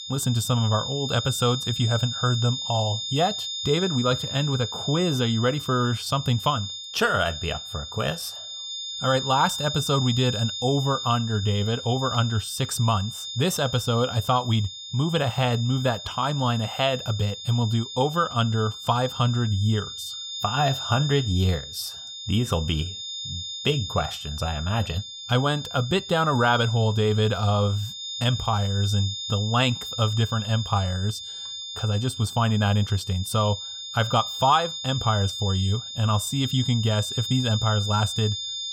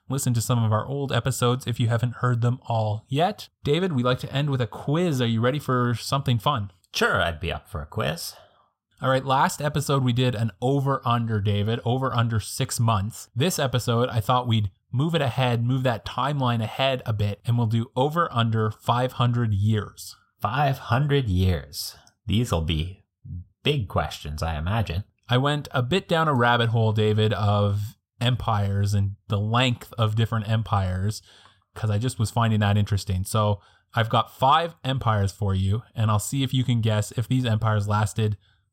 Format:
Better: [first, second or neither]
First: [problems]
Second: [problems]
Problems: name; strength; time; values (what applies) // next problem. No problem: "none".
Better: second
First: high-pitched whine; loud; throughout; 3.5 kHz, 7 dB below the speech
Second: none